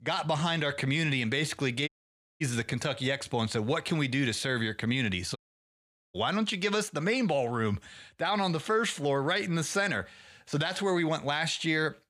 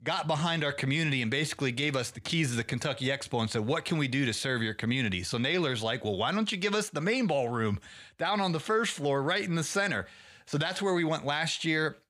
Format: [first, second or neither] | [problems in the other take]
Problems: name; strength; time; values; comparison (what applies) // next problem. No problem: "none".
second | audio cutting out; at 2 s for 0.5 s and at 5.5 s for 1 s